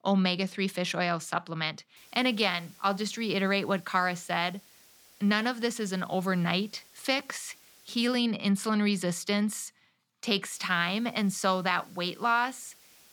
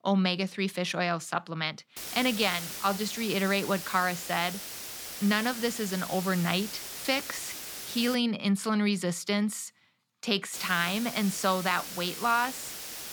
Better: first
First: hiss; faint; from 2 to 8 s and from 11 s on; 25 dB below the speech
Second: hiss; loud; from 2 to 8 s and from 11 s on; 8 dB below the speech

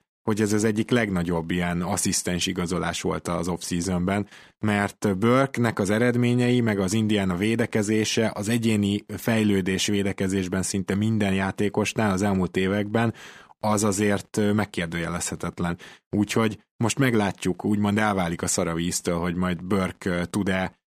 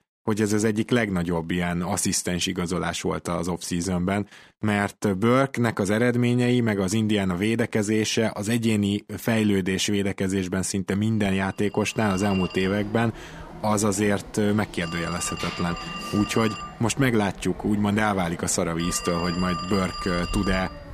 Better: first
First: none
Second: phone ringing; noticeable; from 11 s on; peak 7 dB below the speech

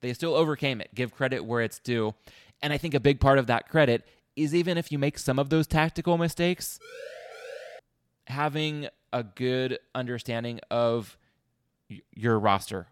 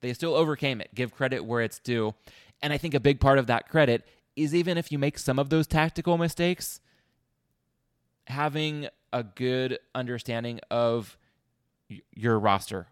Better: second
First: siren; faint; at 7 s; peak 15 dB below the speech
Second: none

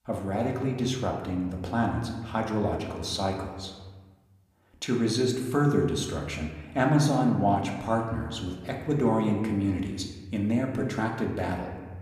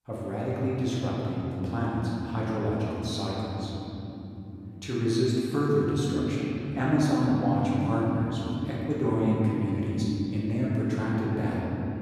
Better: first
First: room echo; slight; dies away in 1.2 s // off-mic speech; somewhat distant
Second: room echo; strong; dies away in 3 s // off-mic speech; far

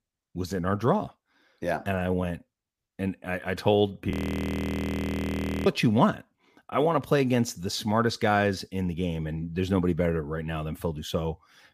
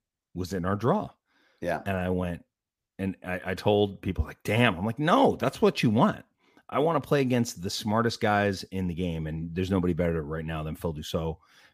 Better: second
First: audio freezing; at 4 s for 1.5 s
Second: none

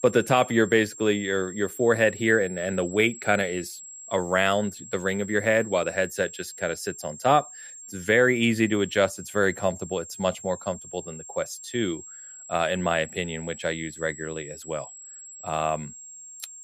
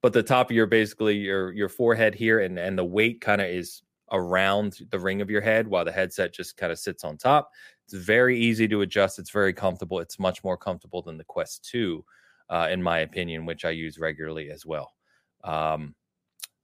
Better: second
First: high-pitched whine; noticeable; throughout; 7.5 kHz, 15 dB below the speech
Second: none

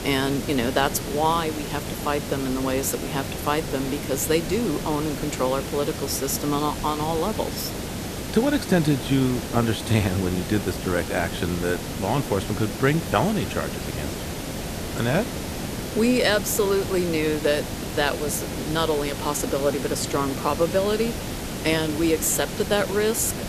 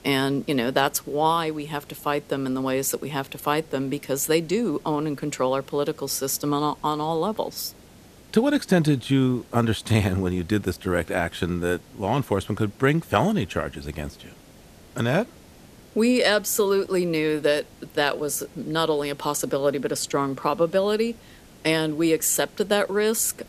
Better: second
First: hiss; loud; throughout; 6 dB below the speech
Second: hiss; faint; throughout; 25 dB below the speech

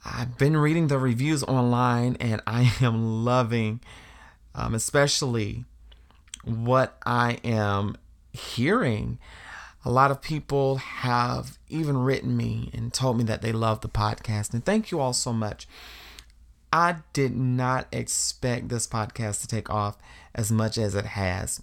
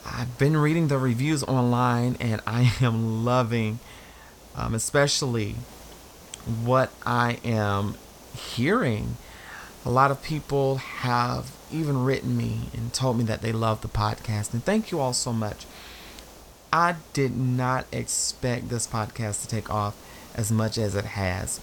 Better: first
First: none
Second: hiss; faint; throughout; 20 dB below the speech

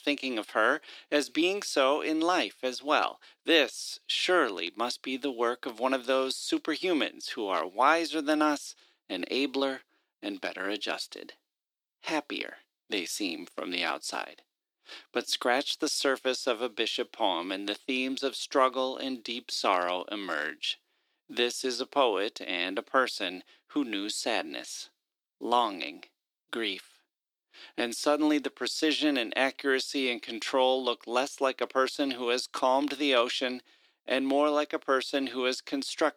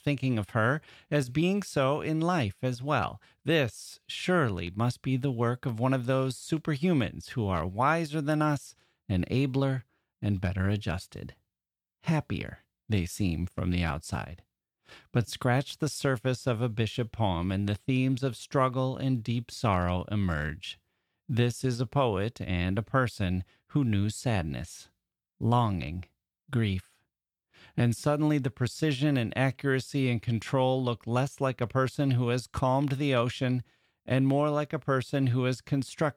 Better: second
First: thin; somewhat; fading below 300 Hz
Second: none

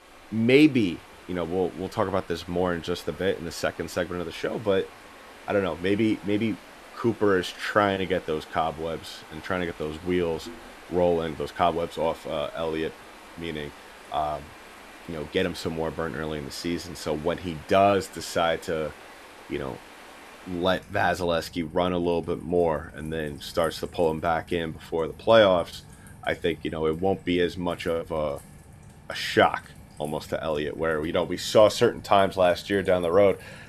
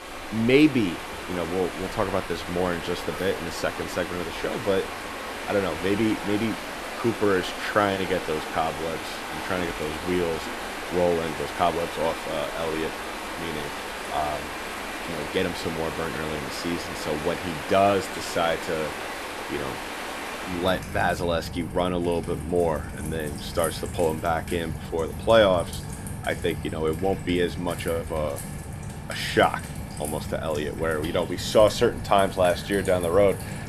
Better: first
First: rain or running water; faint; throughout; 20 dB below the speech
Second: rain or running water; loud; throughout; 7 dB below the speech

